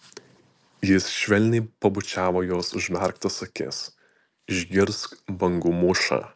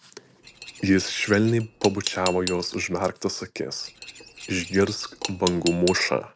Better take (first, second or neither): first